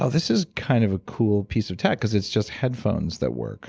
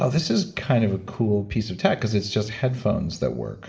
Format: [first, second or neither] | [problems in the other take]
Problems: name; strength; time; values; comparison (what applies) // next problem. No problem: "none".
first | room echo; dies away in 2.1 s